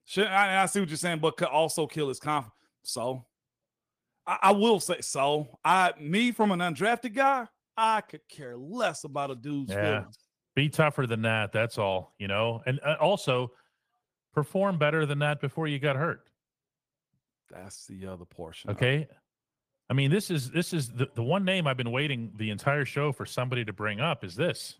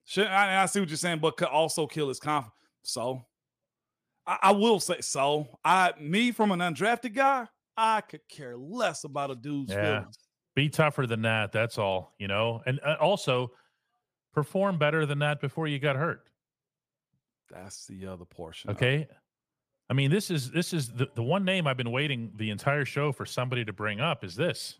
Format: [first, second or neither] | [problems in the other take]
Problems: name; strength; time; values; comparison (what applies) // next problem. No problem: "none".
second | garbled, watery; slightly; nothing above 15 kHz